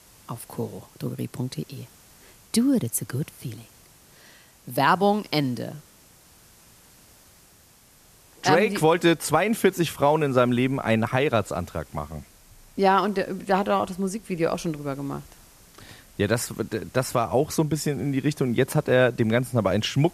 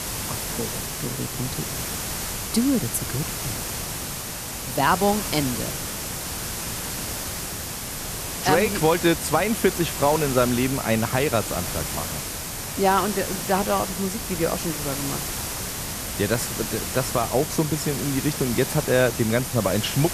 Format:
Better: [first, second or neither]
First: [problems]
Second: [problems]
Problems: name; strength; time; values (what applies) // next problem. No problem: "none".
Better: first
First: hiss; faint; throughout; 30 dB below the speech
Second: hiss; loud; throughout; 4 dB below the speech